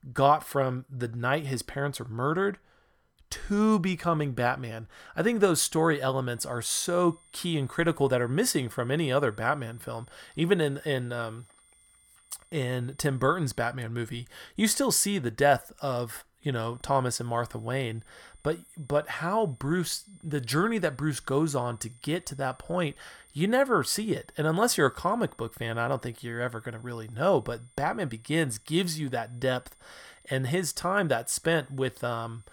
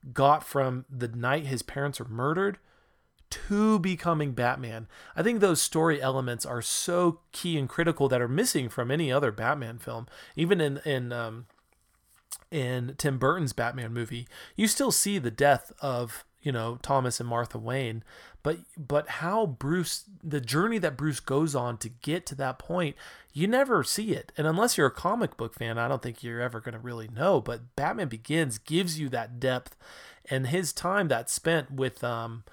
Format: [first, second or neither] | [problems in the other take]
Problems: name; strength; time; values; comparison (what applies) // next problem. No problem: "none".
second | high-pitched whine; faint; from 6.5 to 14 s and from 17 s on; 9 kHz, 30 dB below the speech